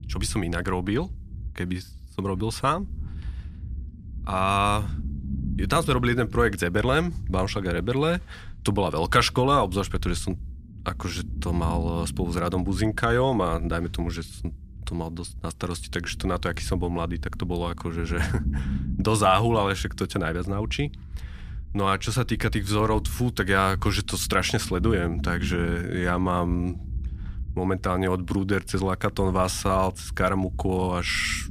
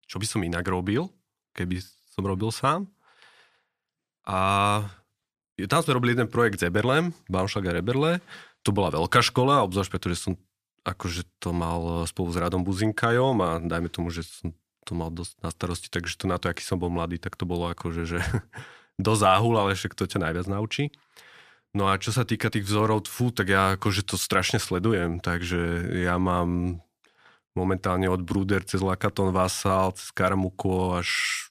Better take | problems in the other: second | low rumble; faint; throughout; 20 dB below the speech

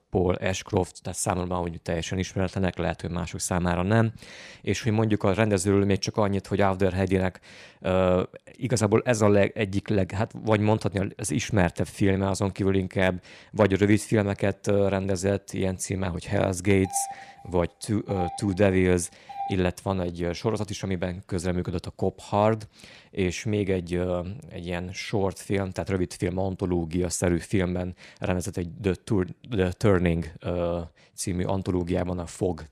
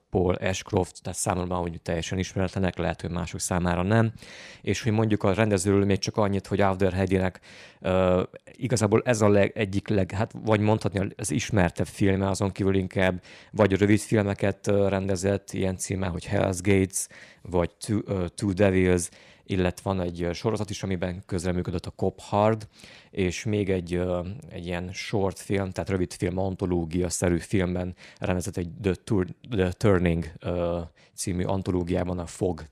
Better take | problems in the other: second | doorbell; noticeable; from 17 to 20 s; peak 8 dB below the speech

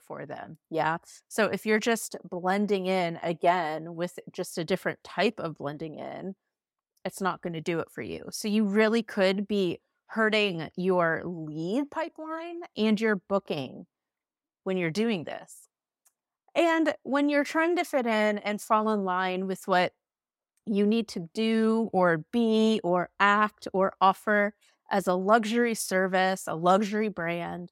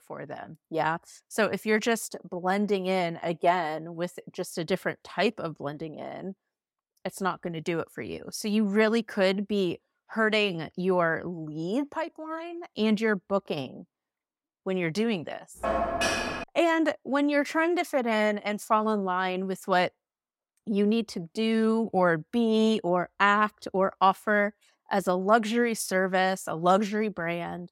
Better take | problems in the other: first | clattering dishes; loud; at 16 s; peak 1 dB above the speech

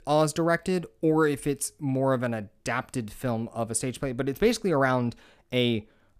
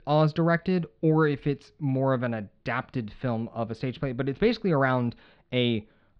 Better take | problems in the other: first | muffled; very slightly; fading above 4 kHz

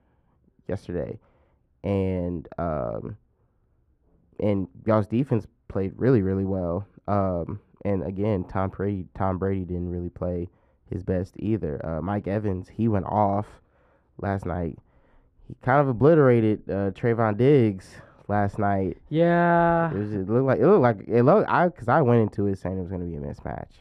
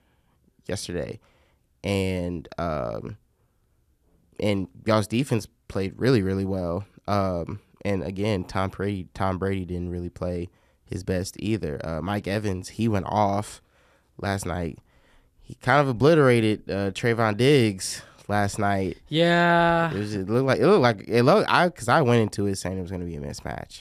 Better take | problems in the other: second | muffled; very; fading above 2.5 kHz

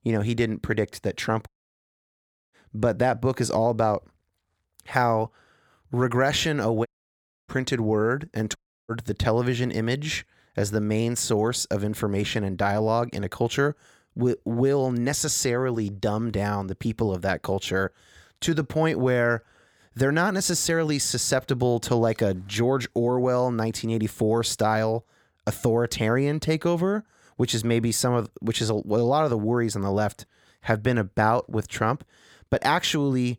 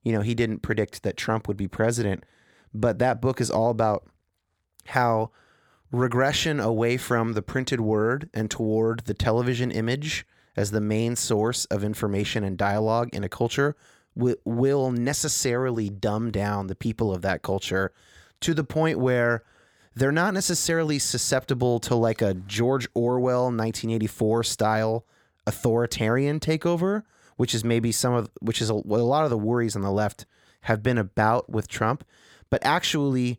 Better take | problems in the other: second | audio cutting out; at 1.5 s for 1 s, at 7 s for 0.5 s and at 8.5 s

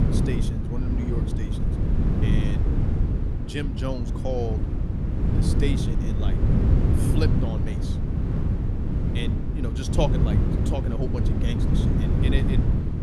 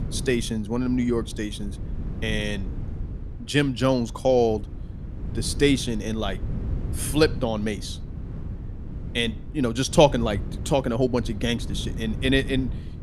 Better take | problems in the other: second | wind noise on the microphone; heavy; as loud as the speech; occasional gusts in the second

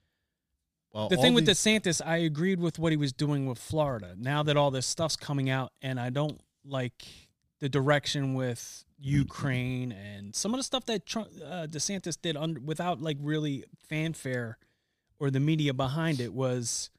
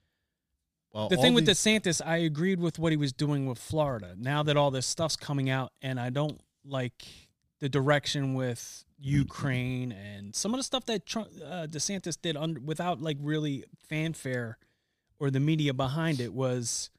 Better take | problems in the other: neither | none

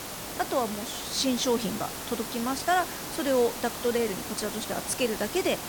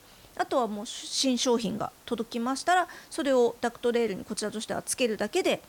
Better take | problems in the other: second | hiss; loud; throughout; 6 dB below the speech; faint in the second

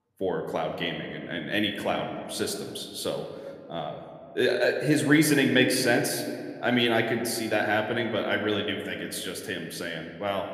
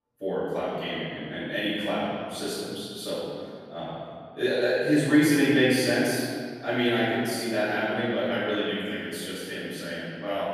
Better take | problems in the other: first | room echo; strong; dies away in 2 s; slight in the first // off-mic speech; far

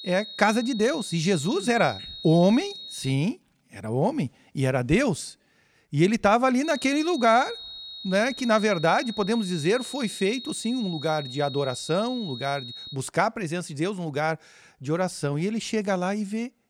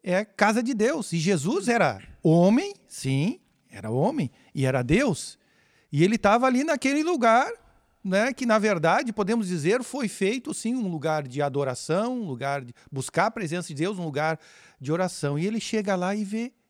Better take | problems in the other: second | high-pitched whine; noticeable; until 3 s and from 6.5 to 13 s; 4 kHz, 10 dB below the speech

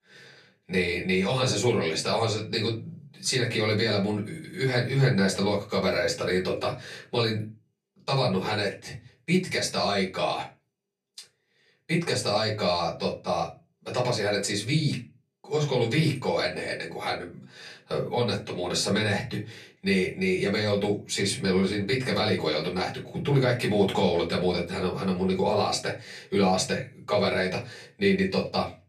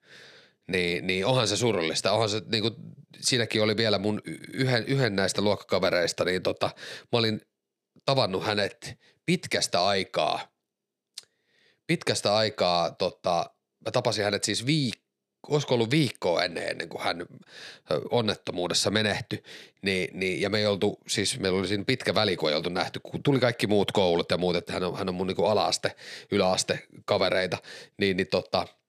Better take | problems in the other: second | off-mic speech; far // room echo; very slight; dies away in 0.2 s

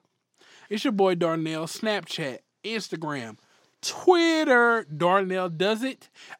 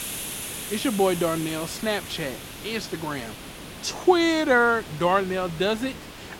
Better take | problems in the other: first | hiss; noticeable; throughout; 10 dB below the speech

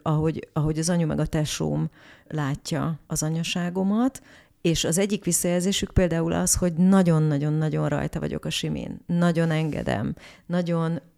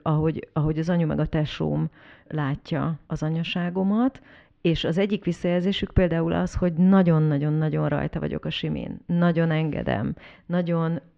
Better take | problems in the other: first | muffled; very; fading above 3.5 kHz

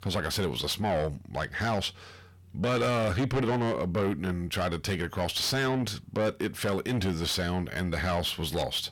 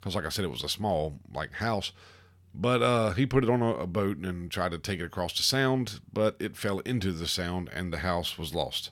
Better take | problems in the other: second | distortion; heavy; 7 dB below the speech

